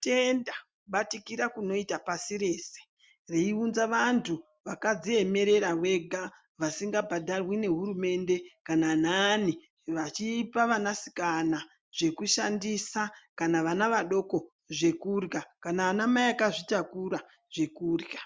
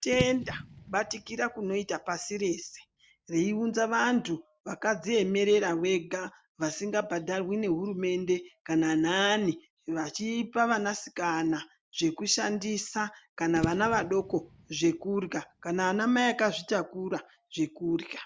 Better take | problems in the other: first | background sound (Fireworks / Boom); 13 dB below the speech

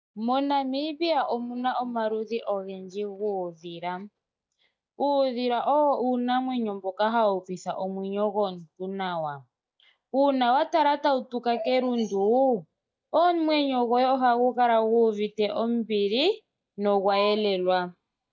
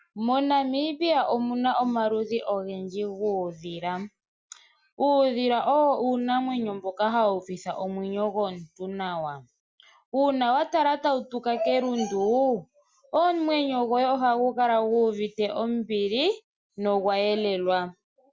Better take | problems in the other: second | noise reduction (neural mask model DeepFilterNet 3)

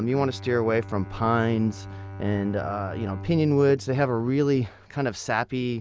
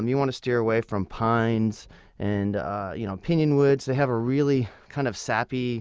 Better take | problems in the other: second | background sound (Bowed string instrument); 14 dB below the speech

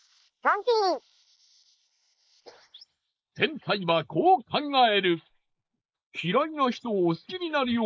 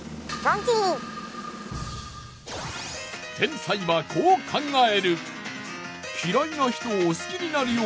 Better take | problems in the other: second | noise reduction (neural mask model Resemble Enhance denoiser)

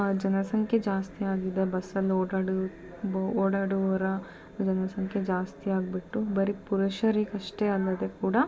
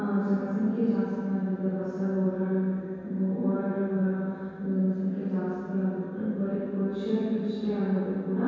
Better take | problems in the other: first | room echo; dies away in 2 s

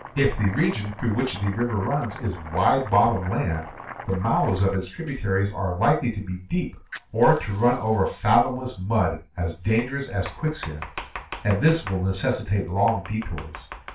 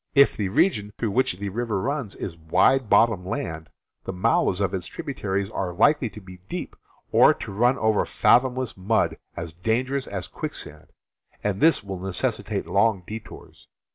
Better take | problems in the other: second | background sound (Domestic sounds, home sounds); 17 dB below the speech // room echo; dies away in 0.3 s

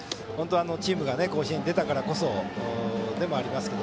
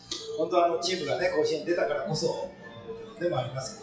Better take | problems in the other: first | noise reduction (classical method WPE with log-MMSE)

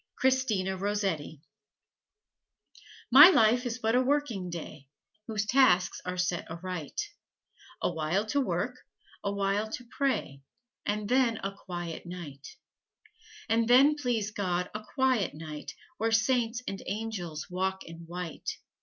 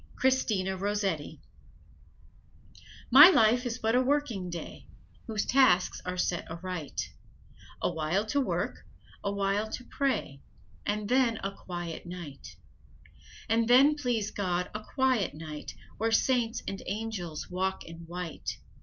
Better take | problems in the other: first | background sound (Wind); 19 dB below the speech

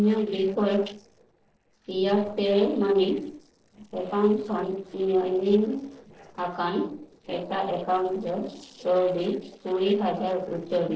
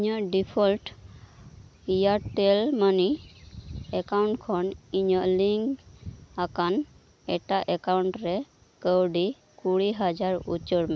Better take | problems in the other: second | noise reduction (neural separator model SepFormer DNS4)

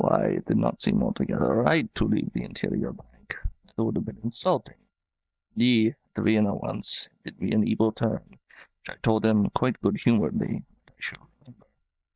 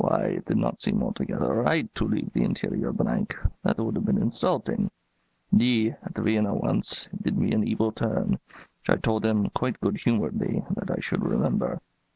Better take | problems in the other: second | noise reduction (neural mask model DeepFilterNet 3)

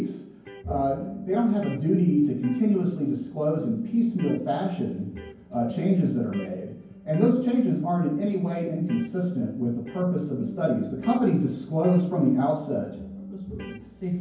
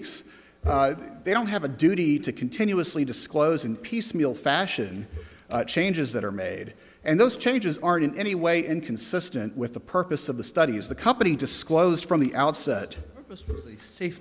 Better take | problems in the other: second | background sound (Electric guitar); 17 dB below the speech // room echo; dies away in 0.9 s

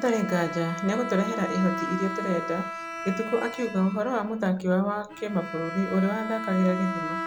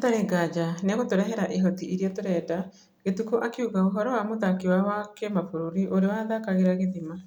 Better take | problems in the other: second | background sound (Bowed string instrument); 8 dB below the speech

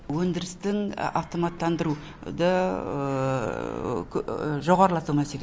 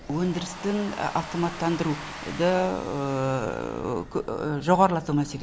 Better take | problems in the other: first | background sound (Domestic sounds, home sounds); 15 dB below the speech

